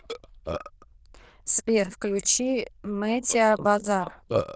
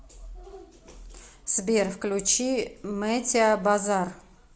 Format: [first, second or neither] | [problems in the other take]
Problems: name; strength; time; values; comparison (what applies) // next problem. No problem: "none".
second | noise reduction (neural diffusion model UNIVERSE++)